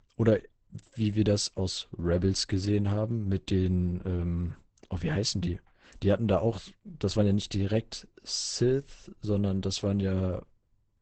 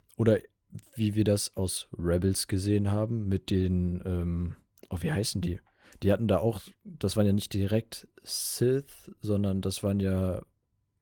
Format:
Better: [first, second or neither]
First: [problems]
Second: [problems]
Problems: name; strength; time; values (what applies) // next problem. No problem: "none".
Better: second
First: garbled, watery; badly; nothing above 8 kHz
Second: garbled, watery; slightly; nothing above 18.5 kHz